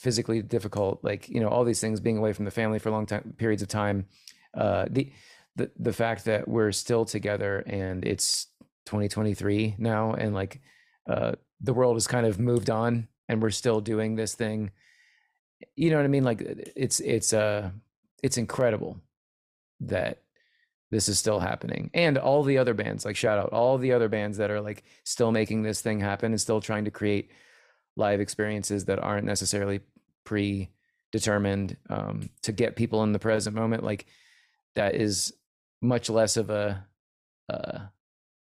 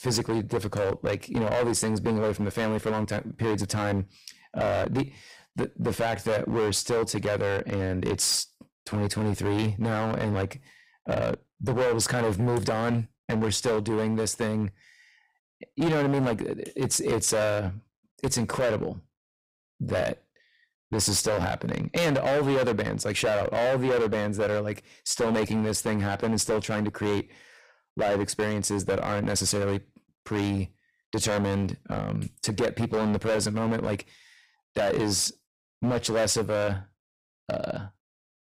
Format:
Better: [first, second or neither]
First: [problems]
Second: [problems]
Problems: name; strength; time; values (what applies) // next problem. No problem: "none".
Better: first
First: none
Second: distortion; heavy; 13% of the sound clipped